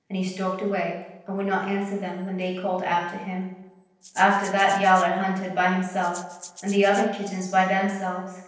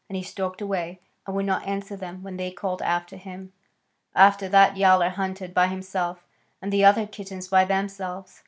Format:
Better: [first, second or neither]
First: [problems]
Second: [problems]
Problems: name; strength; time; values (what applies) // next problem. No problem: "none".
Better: second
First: noise reduction (neural separator model SepFormer DNS4)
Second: none